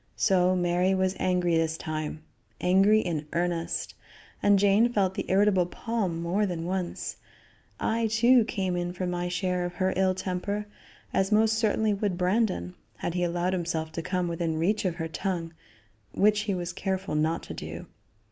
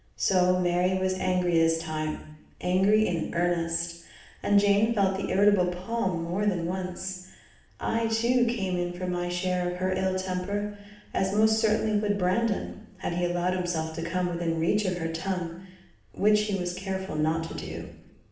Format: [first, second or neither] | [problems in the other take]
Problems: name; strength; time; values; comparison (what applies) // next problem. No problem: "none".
first | room echo; dies away in 0.7 s